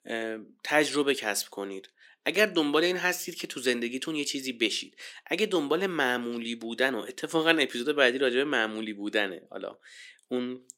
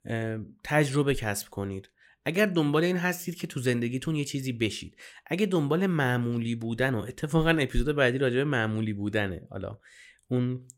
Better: second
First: thin; somewhat; fading below 250 Hz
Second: none

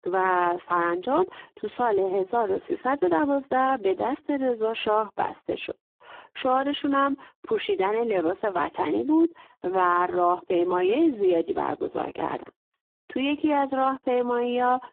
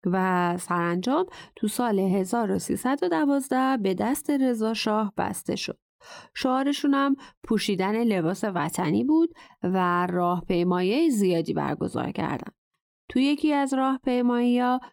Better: second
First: phone-call audio; poor line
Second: none

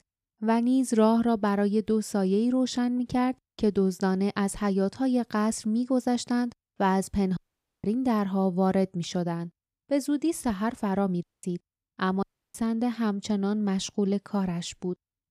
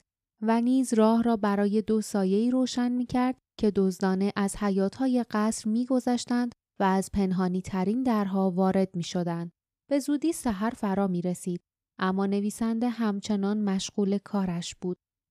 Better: second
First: audio cutting out; at 7.5 s, at 11 s and at 12 s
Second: none

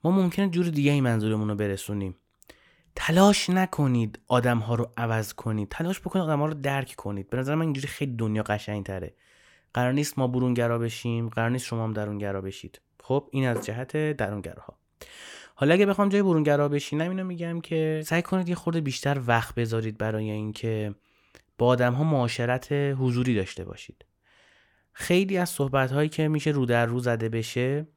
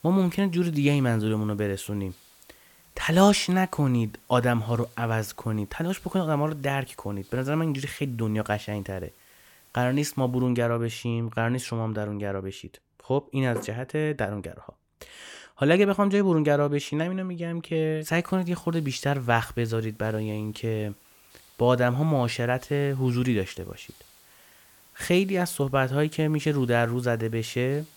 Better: first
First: none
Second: hiss; faint; until 10 s and from 18 s on; 25 dB below the speech

